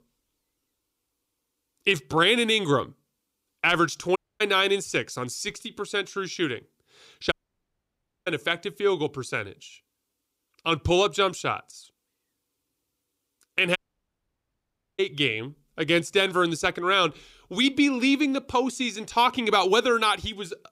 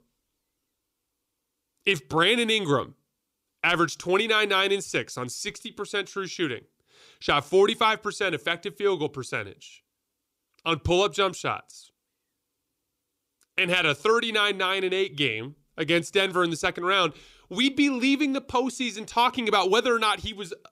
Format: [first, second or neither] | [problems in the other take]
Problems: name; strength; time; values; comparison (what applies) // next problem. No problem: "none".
second | audio cutting out; at 4 s, at 7.5 s for 1 s and at 14 s for 1 s